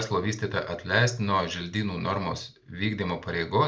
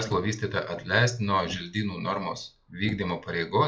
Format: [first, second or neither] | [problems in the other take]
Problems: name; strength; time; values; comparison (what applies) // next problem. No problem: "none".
first | noise reduction (classical method log-MMSE)